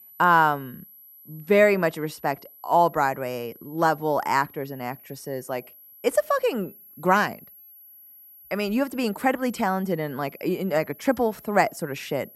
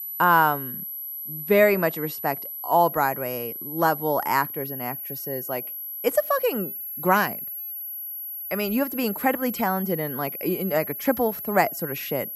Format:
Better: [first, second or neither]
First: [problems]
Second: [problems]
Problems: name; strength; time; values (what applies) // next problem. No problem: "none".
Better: first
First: high-pitched whine; faint; throughout; 11.5 kHz, 20 dB below the speech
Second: high-pitched whine; loud; throughout; 11.5 kHz, 7 dB below the speech